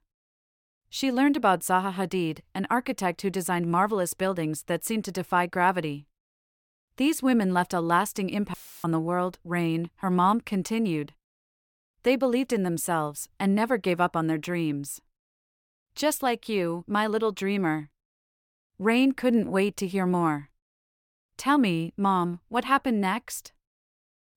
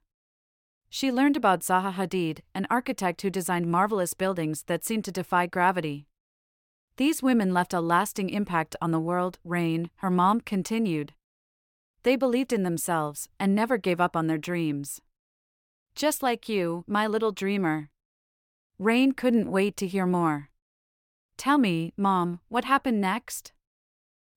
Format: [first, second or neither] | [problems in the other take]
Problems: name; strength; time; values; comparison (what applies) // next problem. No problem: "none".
second | audio cutting out; filled with static; at 8.5 s